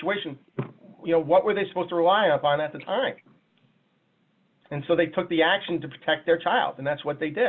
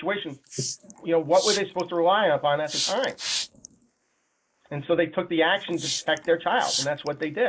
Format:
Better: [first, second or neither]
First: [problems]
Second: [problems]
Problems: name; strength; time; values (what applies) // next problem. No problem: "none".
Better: first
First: none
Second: noise reduction (neural mask model Resemble Enhance denoiser)